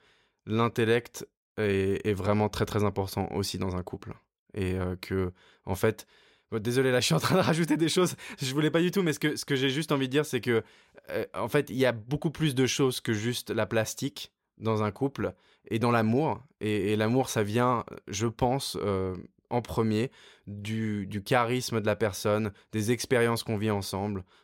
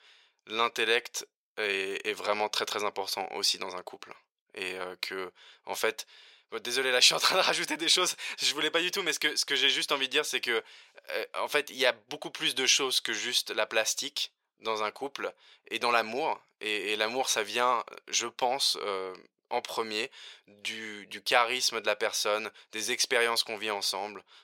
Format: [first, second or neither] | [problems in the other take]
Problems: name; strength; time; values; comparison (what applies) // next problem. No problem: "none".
first | thin; very; fading below 650 Hz